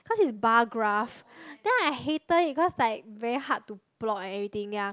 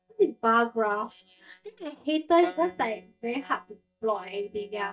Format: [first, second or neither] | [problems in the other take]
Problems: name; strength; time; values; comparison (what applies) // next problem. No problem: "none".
first | noise reduction (neural mask model DeepFilterNet 3)